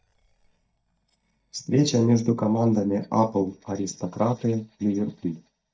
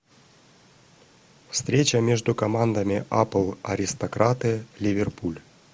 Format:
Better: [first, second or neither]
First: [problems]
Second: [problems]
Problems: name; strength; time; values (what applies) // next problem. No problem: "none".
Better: second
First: noise reduction (neural mask model DeepFilterNet 3)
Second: none